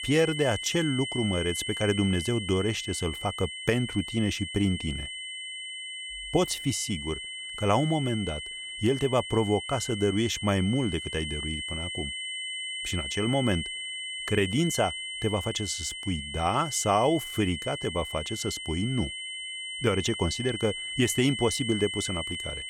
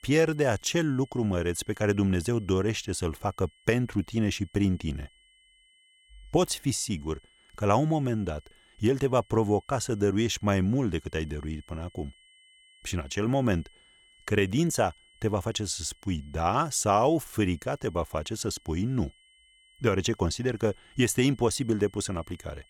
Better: second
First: high-pitched whine; loud; throughout; 3 kHz, 6 dB below the speech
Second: high-pitched whine; faint; throughout; 3 kHz, 30 dB below the speech

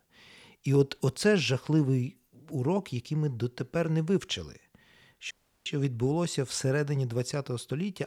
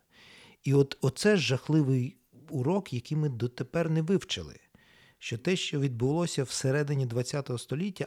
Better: second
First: audio cutting out; at 5.5 s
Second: none

